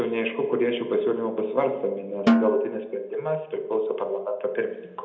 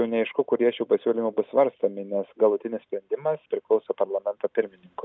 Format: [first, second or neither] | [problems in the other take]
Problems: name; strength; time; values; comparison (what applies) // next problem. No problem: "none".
second | background sound (Snare drum); as loud as the speech // room echo; dies away in 0.8 s